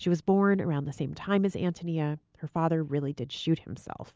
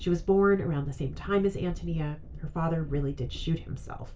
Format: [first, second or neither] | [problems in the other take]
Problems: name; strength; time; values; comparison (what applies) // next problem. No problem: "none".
first | background sound (Train); 10 dB below the speech // room echo; dies away in 0.2 s